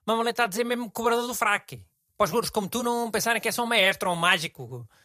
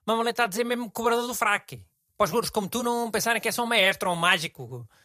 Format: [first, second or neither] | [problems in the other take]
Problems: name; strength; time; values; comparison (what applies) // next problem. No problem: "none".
neither | none